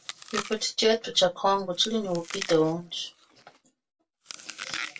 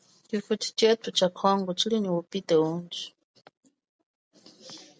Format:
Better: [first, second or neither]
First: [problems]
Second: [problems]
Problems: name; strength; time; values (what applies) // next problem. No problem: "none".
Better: second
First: background sound (Chewing, mastication); 13 dB below the speech // room echo; dies away in 0.2 s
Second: none